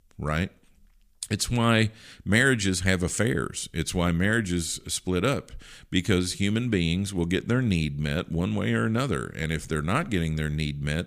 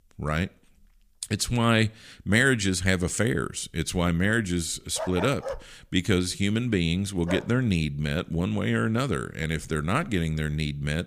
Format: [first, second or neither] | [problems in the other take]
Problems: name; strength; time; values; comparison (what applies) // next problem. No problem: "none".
first | dog barking; noticeable; from 5 to 7.5 s; peak 9 dB below the speech